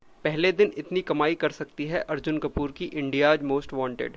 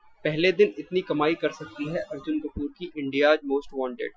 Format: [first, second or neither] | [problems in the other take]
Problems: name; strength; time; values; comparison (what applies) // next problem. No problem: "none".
first | noise reduction (classical method Wiener filter)